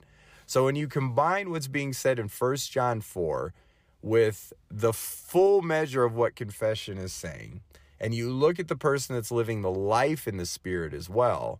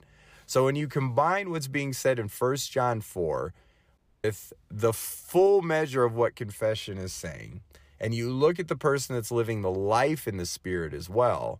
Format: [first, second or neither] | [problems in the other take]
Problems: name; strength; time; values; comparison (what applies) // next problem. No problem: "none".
first | audio cutting out; at 4 s